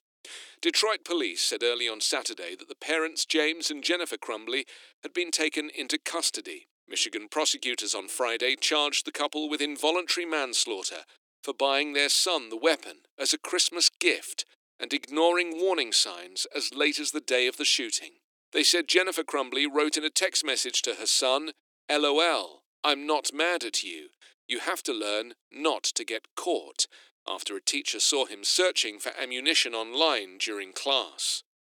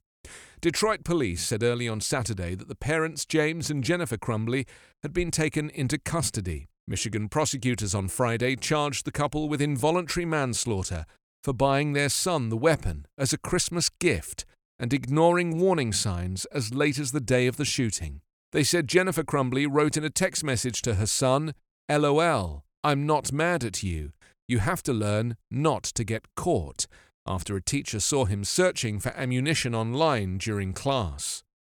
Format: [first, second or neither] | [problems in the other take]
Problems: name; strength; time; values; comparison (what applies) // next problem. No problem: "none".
second | thin; somewhat; fading below 300 Hz